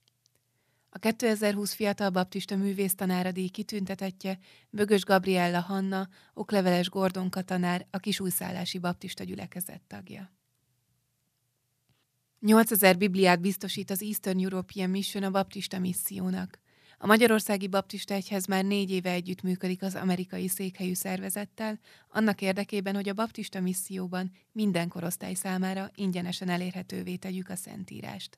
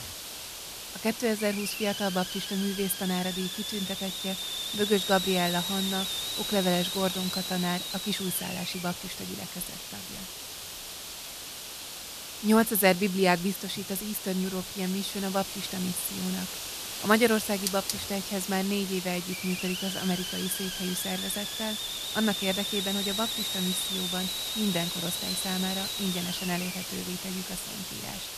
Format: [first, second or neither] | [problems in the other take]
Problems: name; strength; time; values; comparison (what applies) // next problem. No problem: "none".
first | hiss; loud; throughout; 2 dB below the speech